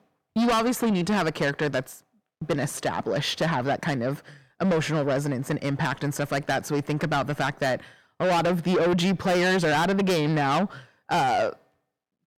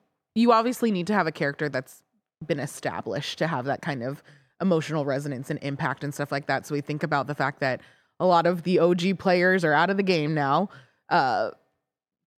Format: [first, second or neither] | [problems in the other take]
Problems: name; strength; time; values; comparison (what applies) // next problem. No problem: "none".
second | distortion; heavy; 6 dB below the speech